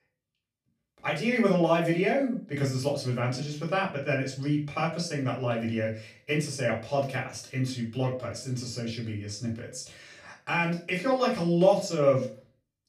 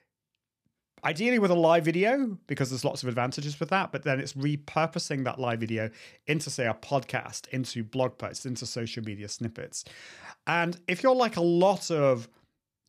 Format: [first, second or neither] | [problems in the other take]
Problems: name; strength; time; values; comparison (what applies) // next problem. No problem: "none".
second | off-mic speech; far // room echo; slight; dies away in 0.3 s